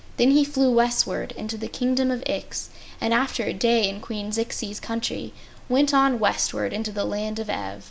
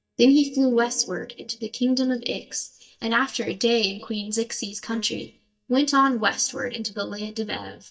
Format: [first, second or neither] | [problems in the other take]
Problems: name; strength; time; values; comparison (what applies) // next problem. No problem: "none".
first | noise reduction (neural mask model DeepFilterNet 3)